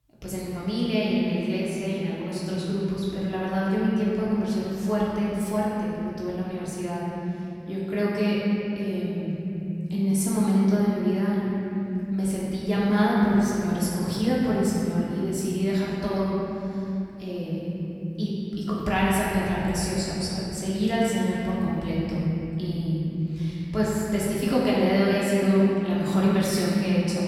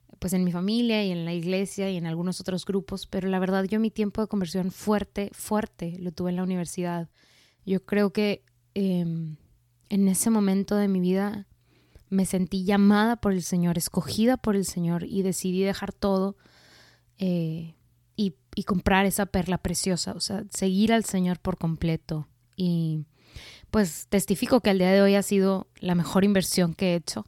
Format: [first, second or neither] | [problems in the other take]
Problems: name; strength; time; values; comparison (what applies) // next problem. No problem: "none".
second | off-mic speech; far // room echo; strong; dies away in 3 s